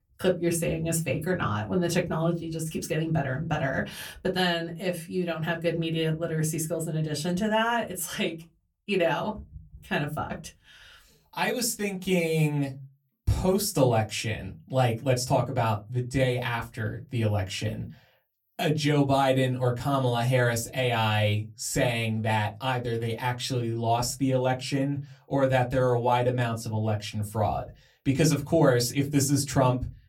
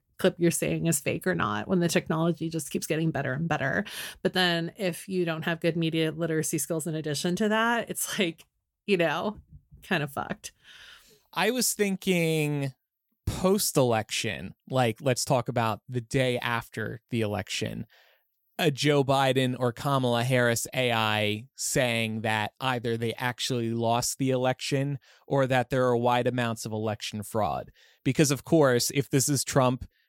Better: second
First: off-mic speech; far // room echo; very slight; dies away in 0.3 s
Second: none

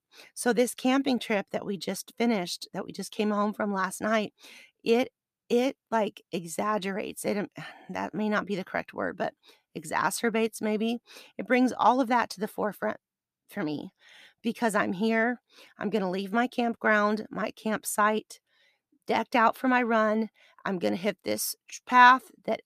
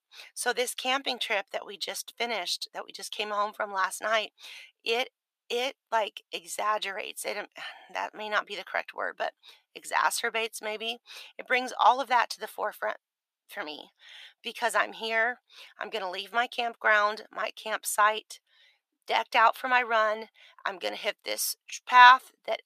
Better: first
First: none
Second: thin; very; fading below 800 Hz

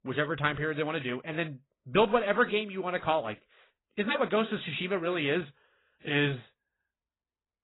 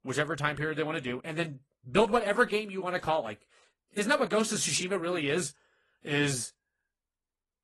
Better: second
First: garbled, watery; badly; nothing above 4 kHz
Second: garbled, watery; slightly

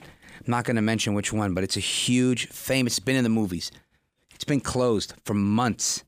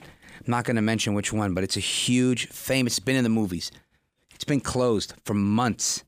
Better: neither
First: none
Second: none

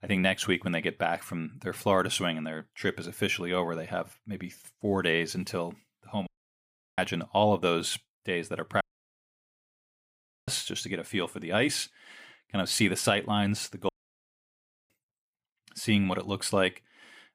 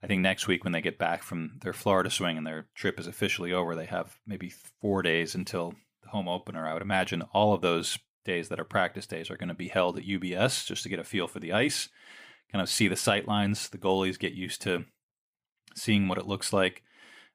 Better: second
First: audio cutting out; at 6.5 s for 0.5 s, at 9 s for 1.5 s and at 14 s for 1 s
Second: none

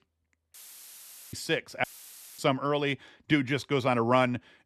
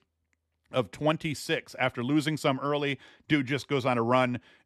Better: second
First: audio cutting out; filled with static; at 0.5 s for 1 s and at 2 s for 0.5 s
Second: none

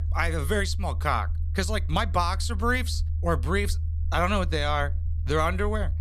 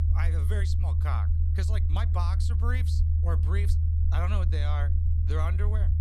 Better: first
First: low rumble; faint; throughout; 20 dB below the speech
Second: low rumble; loud; throughout; 4 dB below the speech

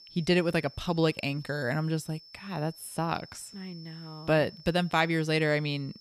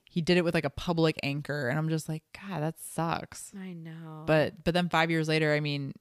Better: second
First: high-pitched whine; faint; throughout; 5.5 kHz, 20 dB below the speech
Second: none

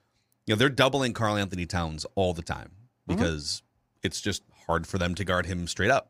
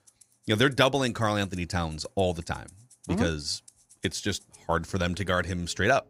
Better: first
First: none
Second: background music; faint; throughout; 25 dB below the speech

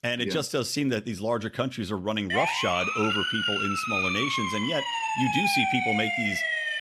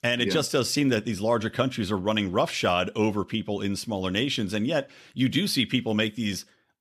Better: second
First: siren; loud; from 2.5 s on; peak 5 dB above the speech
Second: none

